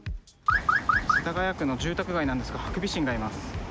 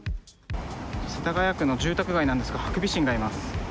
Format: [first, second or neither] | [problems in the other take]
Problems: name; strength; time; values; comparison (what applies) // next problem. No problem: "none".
second | background sound (Car); 4 dB above the speech